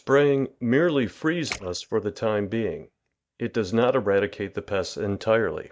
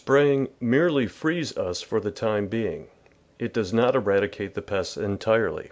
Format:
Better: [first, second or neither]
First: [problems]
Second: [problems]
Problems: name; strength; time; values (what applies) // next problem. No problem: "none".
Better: second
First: noise reduction (neural mask model DeepFilterNet 3)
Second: none